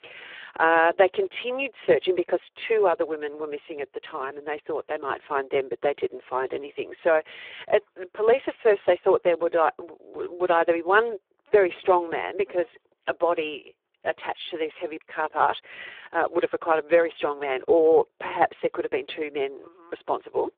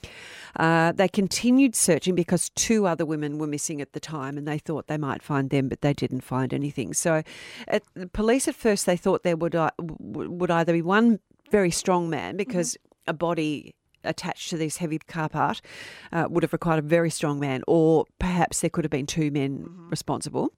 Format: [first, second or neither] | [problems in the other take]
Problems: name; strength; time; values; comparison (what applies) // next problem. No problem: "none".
second | phone-call audio; poor line